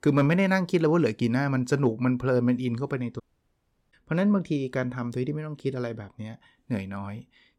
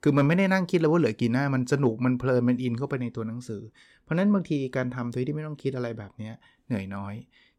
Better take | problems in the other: second | audio cutting out; at 3 s for 0.5 s

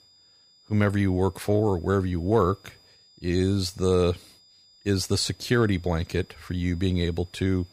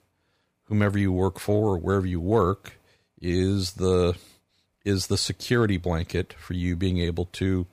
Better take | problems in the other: second | high-pitched whine; faint; throughout; 5 kHz, 30 dB below the speech

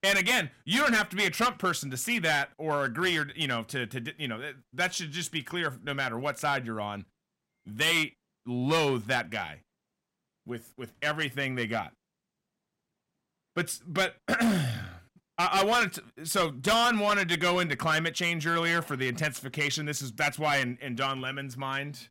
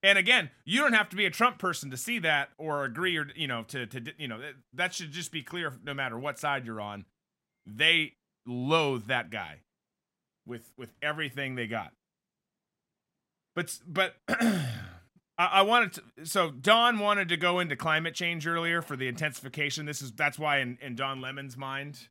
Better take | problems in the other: second | distortion; heavy; 6% of the sound clipped

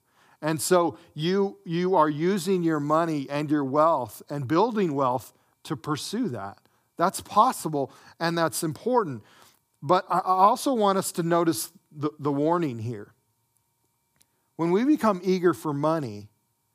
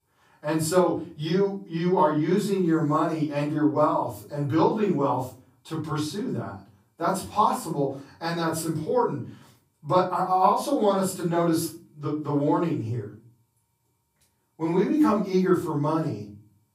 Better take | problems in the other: first | off-mic speech; far // room echo; slight; dies away in 0.4 s

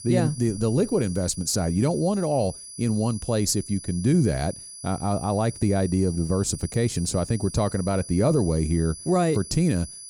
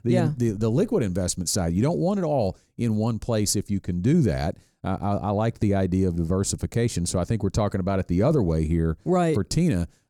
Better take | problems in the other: second | high-pitched whine; noticeable; throughout; 10 kHz, 15 dB below the speech

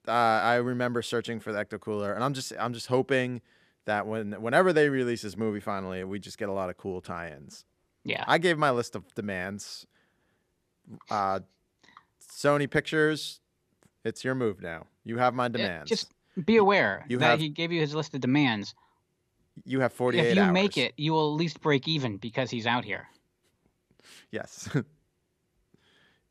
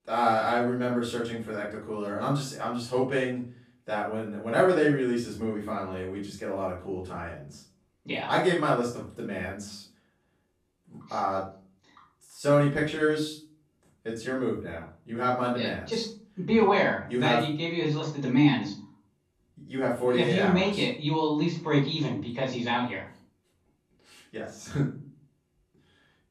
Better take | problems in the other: first | off-mic speech; far // room echo; noticeable; dies away in 0.4 s

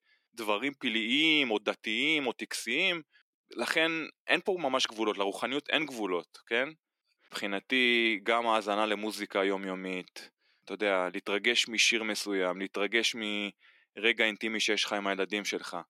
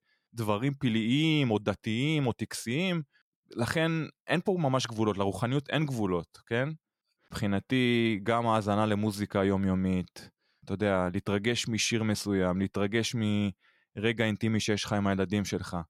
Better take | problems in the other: second | thin; somewhat; fading below 300 Hz

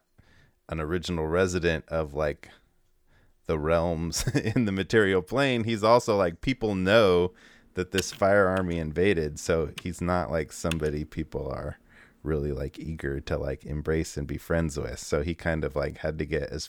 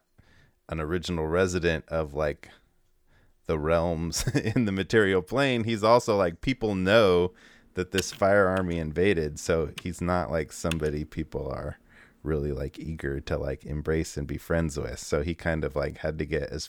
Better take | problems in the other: neither | keyboard typing; noticeable; from 8 to 11 s; peak 8 dB below the speech; the same in both

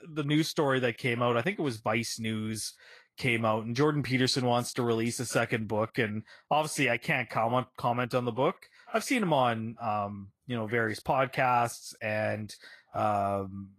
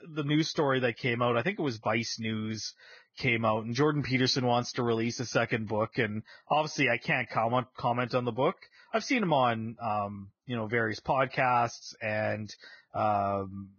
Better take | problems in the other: first | garbled, watery; badly; nothing above 6.5 kHz; slightly in the first

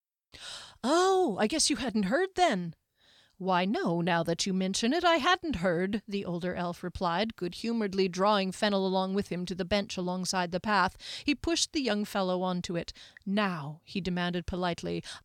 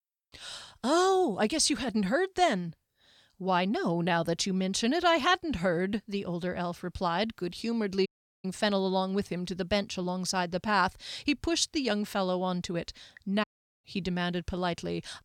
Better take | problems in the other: first | audio cutting out; at 8 s and at 13 s

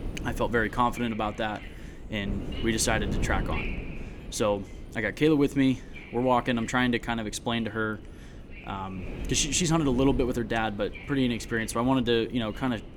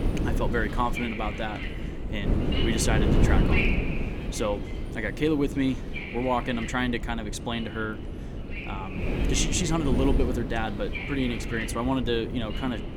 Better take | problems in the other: first | wind noise on the microphone; heavy; 4 dB below the speech; occasional gusts in the first

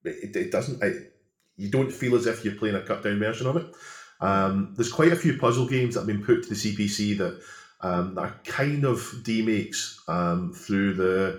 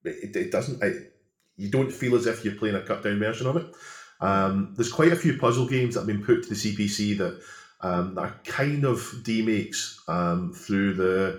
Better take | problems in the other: neither | room echo; very slight; dies away in 0.4 s; the same in both // off-mic speech; somewhat distant; the same in both

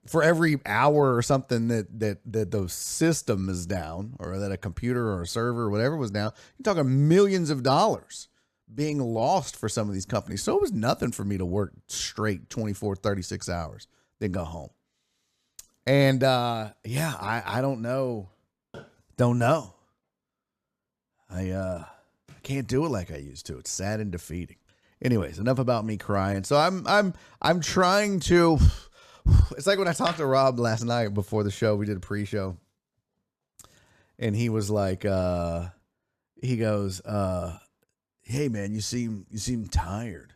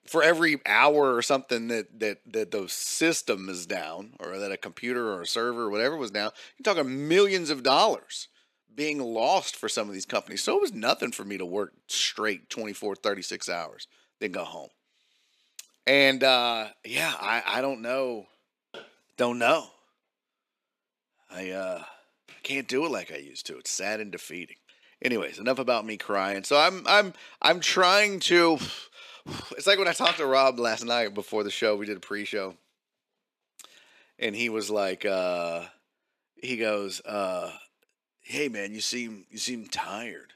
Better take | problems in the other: first | thin; somewhat; fading below 300 Hz

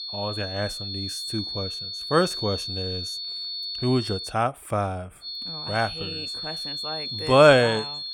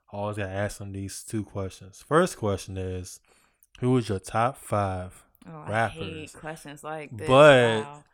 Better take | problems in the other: second | high-pitched whine; loud; until 4.5 s and from 5 s on; 4.5 kHz, 6 dB below the speech

